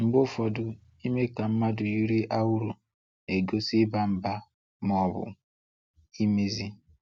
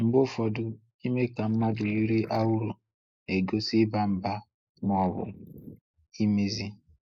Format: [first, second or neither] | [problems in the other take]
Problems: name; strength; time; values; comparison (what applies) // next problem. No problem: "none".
first | noise reduction (neural mask model Resemble Enhance denoiser)